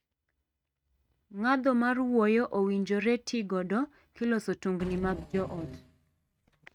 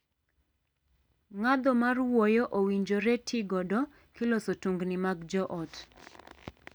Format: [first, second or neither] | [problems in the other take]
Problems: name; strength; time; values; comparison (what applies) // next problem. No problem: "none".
second | noise reduction (neural mask model RNNoise)